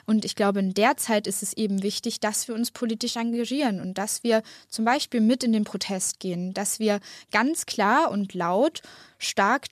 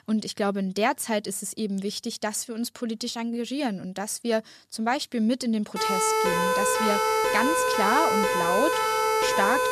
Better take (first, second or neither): first